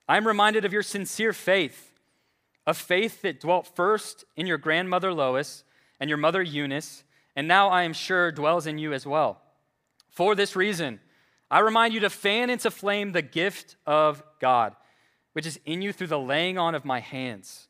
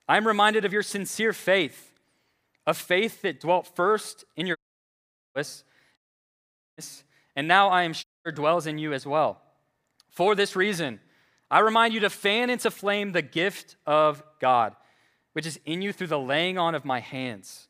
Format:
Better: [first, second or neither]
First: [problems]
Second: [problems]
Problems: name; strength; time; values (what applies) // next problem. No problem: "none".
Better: first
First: none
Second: audio cutting out; at 4.5 s for 1 s, at 6 s for 1 s and at 8 s